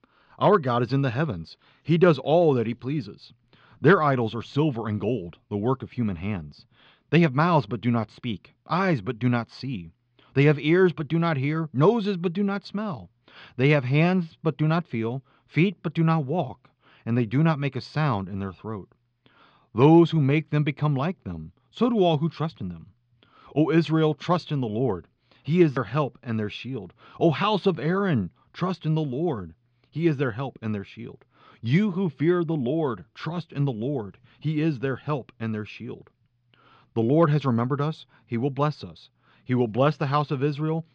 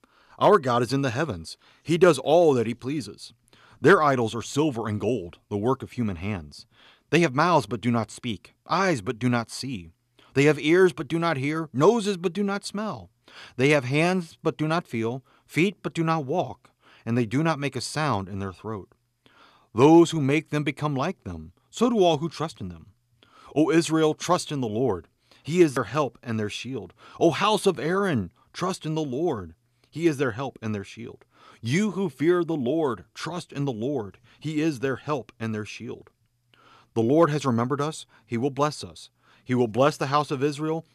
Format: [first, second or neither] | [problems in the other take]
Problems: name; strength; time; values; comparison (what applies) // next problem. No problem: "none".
second | muffled; very slightly; fading above 4 kHz